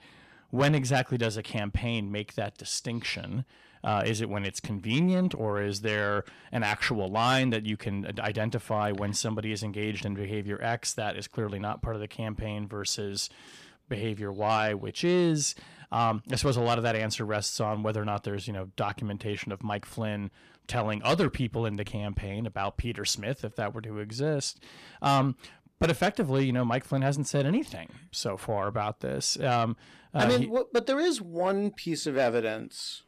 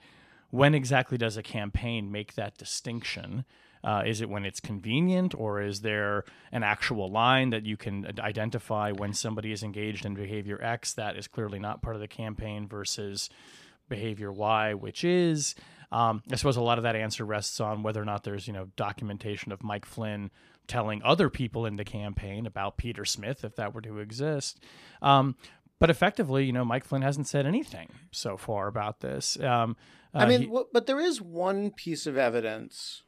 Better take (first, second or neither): second